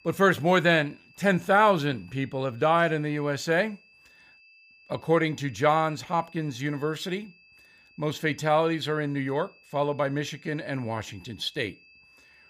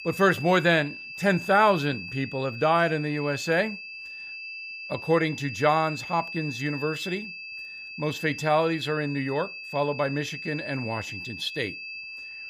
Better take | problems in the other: first | high-pitched whine; loud; throughout; 2.5 kHz, 10 dB below the speech; faint in the first

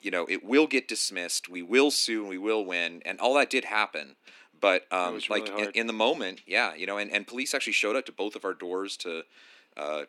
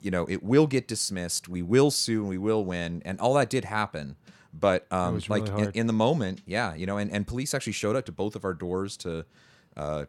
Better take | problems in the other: second | thin; very slightly; fading below 250 Hz

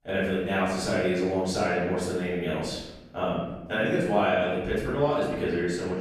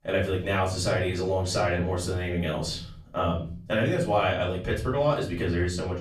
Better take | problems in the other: second | room echo; strong; dies away in 1 s; slight in the second // off-mic speech; far; far in the second

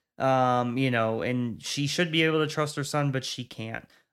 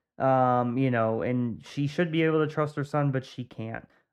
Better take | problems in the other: first | muffled; very; fading above 2.5 kHz

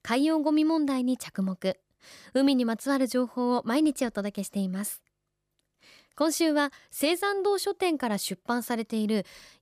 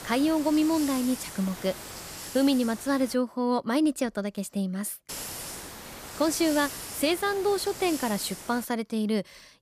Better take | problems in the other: first | hiss; noticeable; until 3 s and from 5 to 8.5 s; 10 dB below the speech

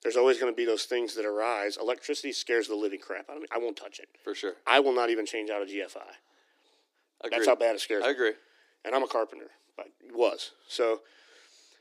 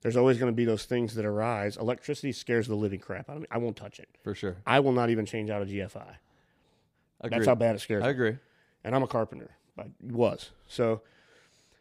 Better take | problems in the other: second | thin; somewhat; fading below 300 Hz

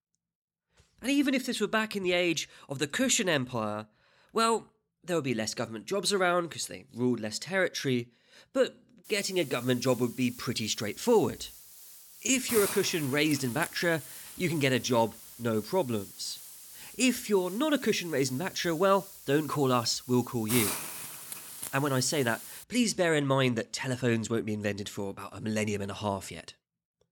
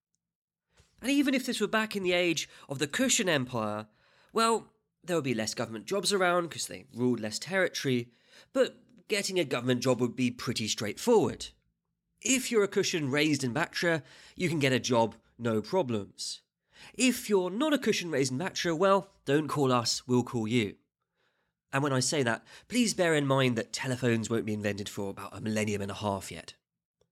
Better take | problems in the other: second | hiss; noticeable; from 9 to 23 s; 10 dB below the speech

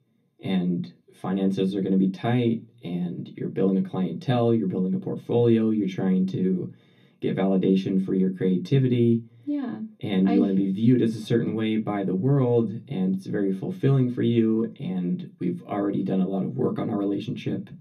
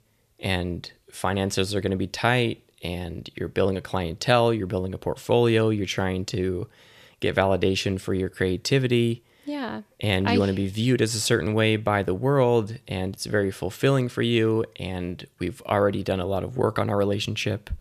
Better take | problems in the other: second | room echo; slight; dies away in 0.3 s // off-mic speech; far

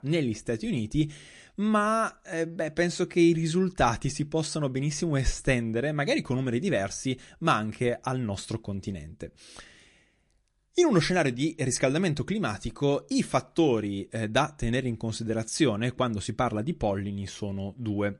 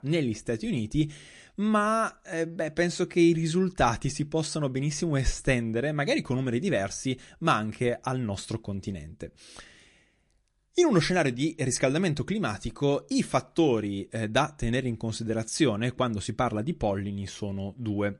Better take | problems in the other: neither | garbled, watery; slightly; the same in both

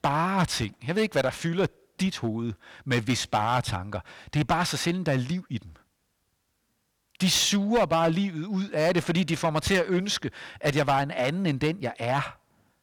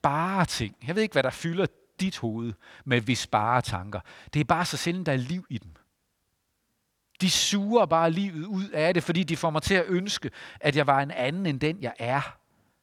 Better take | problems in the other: second | distortion; slight; 4% of the sound clipped

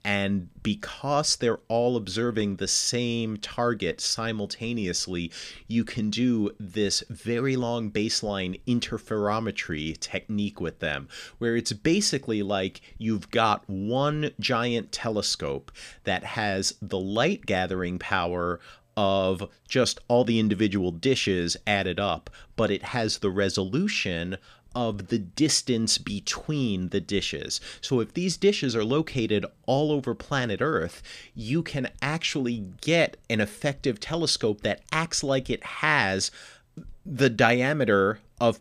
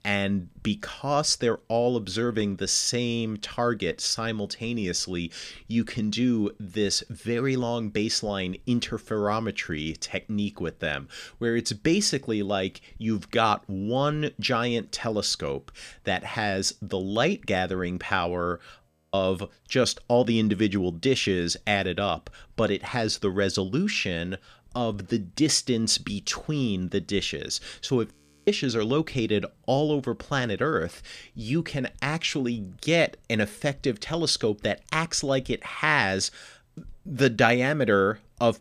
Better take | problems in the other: first | audio freezing; at 19 s and at 28 s

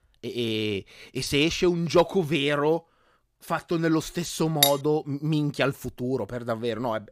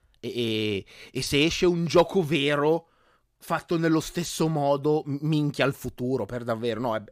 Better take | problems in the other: second | clattering dishes; loud; at 4.5 s; peak 3 dB above the speech

